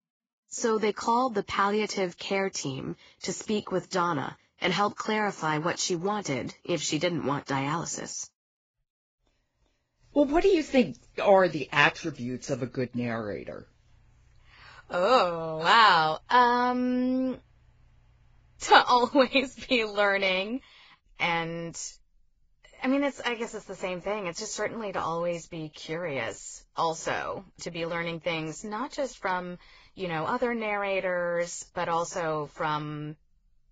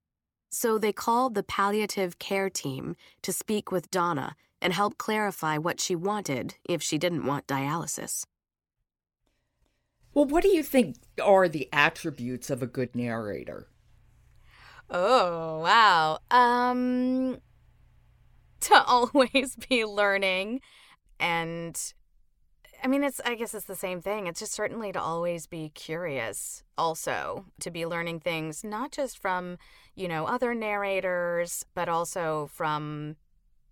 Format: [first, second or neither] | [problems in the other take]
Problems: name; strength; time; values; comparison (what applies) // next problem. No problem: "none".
second | garbled, watery; badly; nothing above 7.5 kHz